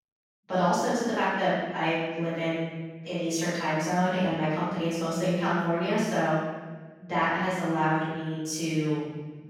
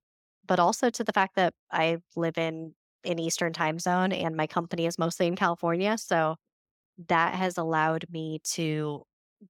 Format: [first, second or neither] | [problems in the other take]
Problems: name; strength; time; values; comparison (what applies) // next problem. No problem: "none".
second | off-mic speech; far // room echo; strong; dies away in 1.3 s